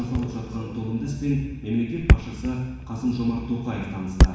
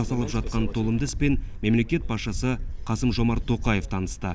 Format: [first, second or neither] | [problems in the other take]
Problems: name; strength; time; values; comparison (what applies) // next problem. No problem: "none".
second | background sound (Thump, thud); 2 dB above the speech // room echo; dies away in 1.1 s